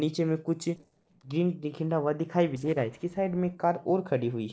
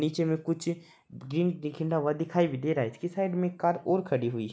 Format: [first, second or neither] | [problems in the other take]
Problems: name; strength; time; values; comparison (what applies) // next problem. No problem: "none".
second | noise reduction (neural separator model SepFormer DNS4)